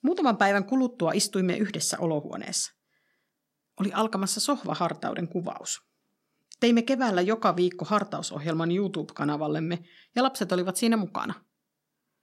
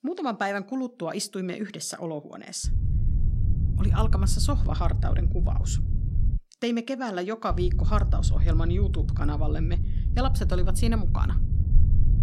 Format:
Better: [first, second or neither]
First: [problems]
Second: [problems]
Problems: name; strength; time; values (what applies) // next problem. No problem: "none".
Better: first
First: none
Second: low rumble; loud; from 2.5 to 6.5 s and from 7.5 s on; 10 dB below the speech